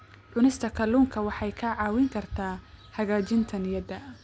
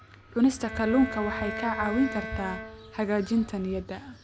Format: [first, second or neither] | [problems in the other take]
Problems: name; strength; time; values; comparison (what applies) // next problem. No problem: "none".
first | background sound (Bowed string instrument); 10 dB below the speech